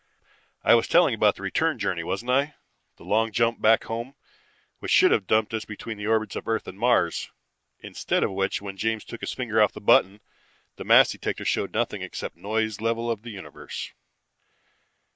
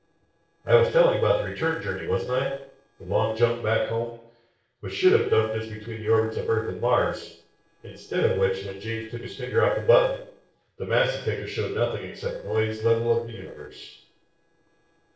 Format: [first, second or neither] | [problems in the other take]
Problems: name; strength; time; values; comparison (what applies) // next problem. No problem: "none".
first | noise reduction (neural separator model SepFormer DNS4)